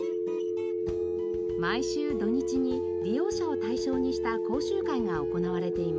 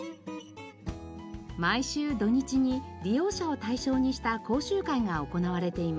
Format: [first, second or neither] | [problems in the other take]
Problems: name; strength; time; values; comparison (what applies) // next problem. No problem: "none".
second | background sound (Telephone); 3 dB above the speech